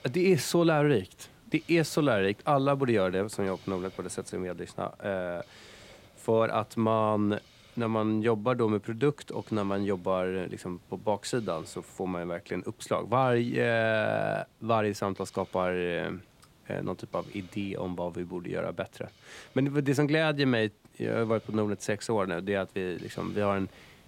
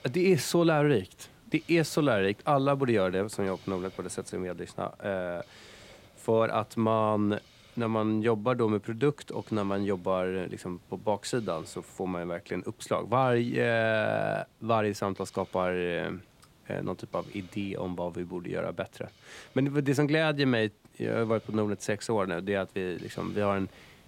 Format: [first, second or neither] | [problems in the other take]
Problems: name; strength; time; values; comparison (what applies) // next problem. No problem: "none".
neither | hiss; faint; throughout; 25 dB below the speech; the same in both